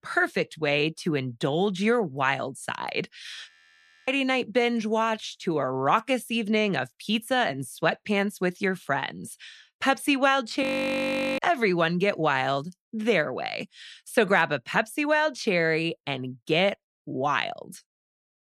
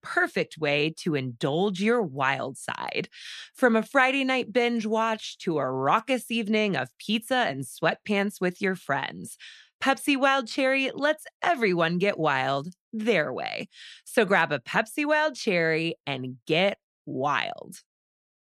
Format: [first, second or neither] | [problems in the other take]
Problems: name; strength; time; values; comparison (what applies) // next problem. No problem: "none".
second | audio freezing; at 3.5 s for 0.5 s and at 11 s for 1 s